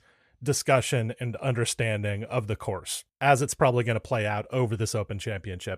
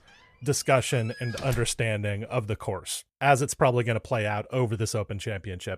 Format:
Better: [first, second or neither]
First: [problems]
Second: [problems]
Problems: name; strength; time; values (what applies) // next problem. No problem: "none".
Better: first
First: none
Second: door banging; faint; at 1 s; peak 10 dB below the speech